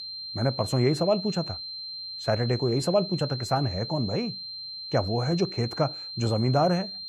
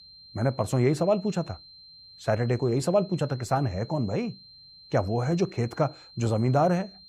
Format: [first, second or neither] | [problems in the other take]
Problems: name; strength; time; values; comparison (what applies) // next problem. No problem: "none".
second | high-pitched whine; loud; throughout; 4 kHz, 8 dB below the speech; faint in the second